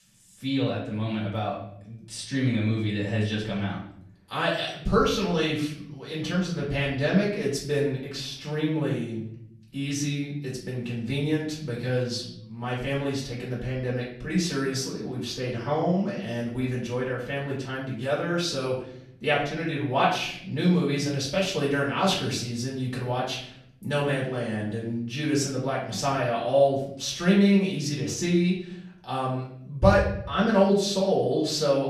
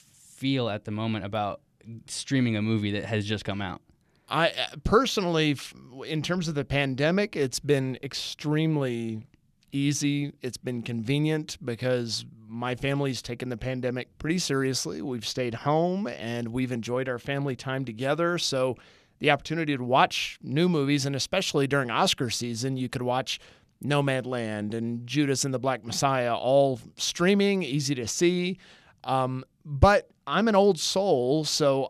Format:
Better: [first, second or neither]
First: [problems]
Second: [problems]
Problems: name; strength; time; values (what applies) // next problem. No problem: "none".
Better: second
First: off-mic speech; far // room echo; noticeable; dies away in 0.6 s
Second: none